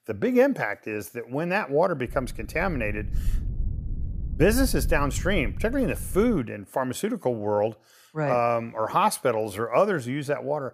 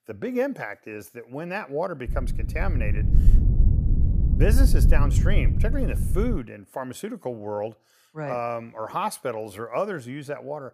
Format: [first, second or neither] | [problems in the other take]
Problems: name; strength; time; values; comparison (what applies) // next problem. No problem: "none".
first | low rumble; loud; from 2 to 6.5 s; 8 dB below the speech; faint in the first